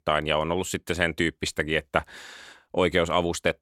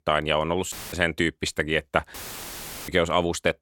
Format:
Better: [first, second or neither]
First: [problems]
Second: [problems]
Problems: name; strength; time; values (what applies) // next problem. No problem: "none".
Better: first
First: none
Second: audio cutting out; filled with static; at 0.5 s and at 2 s for 0.5 s